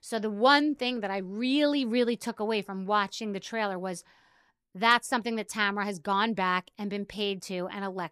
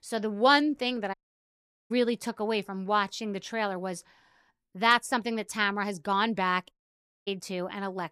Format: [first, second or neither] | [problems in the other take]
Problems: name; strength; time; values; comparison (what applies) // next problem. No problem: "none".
first | audio cutting out; at 1 s for 1 s and at 6.5 s for 0.5 s